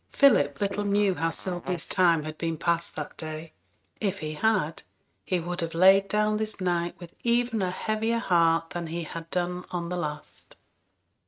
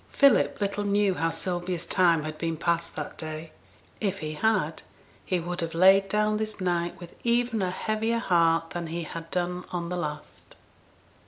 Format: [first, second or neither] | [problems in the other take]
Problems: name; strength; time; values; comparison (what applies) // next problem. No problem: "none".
second | noise reduction (neural mask model RNNoise)